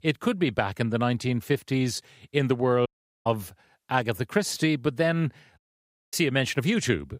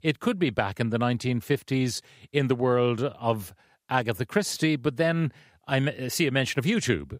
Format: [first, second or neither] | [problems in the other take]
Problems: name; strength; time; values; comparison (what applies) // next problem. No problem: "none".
second | audio cutting out; at 3 s and at 5.5 s for 0.5 s